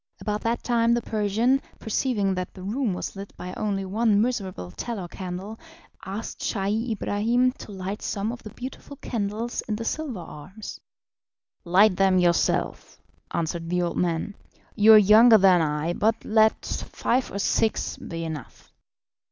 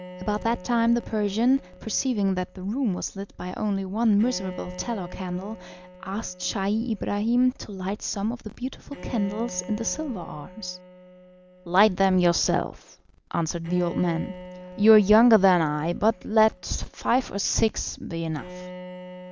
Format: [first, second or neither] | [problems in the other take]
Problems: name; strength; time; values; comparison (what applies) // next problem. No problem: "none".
first | background sound (Bowed string instrument); 18 dB below the speech